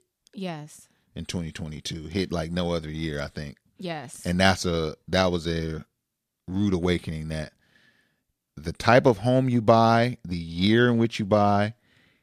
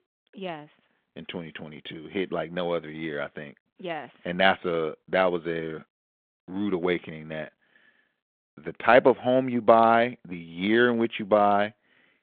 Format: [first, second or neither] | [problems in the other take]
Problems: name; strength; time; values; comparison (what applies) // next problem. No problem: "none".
first | phone-call audio